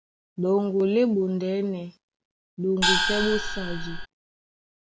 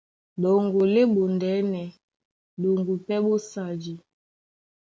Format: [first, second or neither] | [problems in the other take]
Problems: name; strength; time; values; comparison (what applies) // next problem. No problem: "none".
second | background sound (Gong); 1 dB above the speech